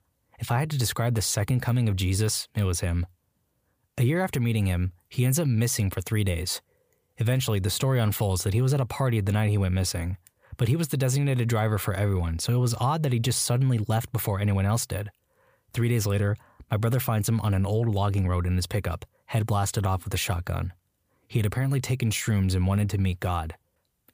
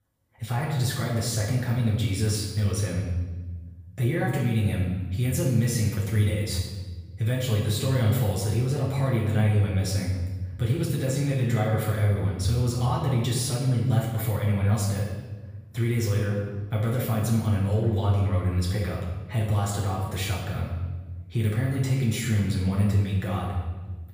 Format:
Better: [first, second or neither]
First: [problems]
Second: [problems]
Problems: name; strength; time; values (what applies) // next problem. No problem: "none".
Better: first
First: none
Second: off-mic speech; far // room echo; noticeable; dies away in 1.2 s